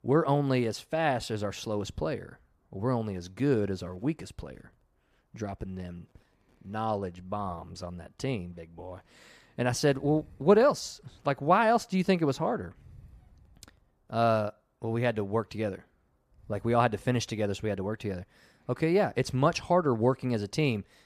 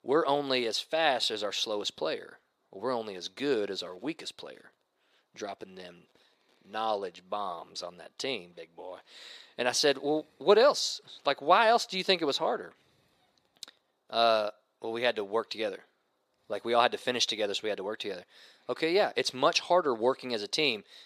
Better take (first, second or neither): first